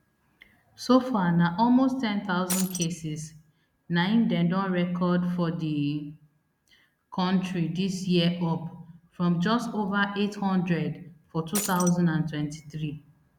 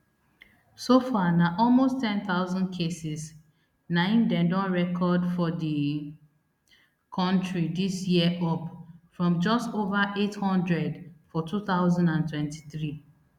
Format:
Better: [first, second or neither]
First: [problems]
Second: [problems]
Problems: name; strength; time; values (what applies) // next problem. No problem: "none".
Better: second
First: background sound (Shatter); 5 dB below the speech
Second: none